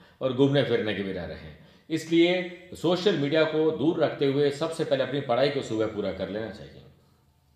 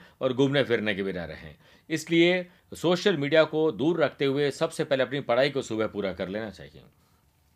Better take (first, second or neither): second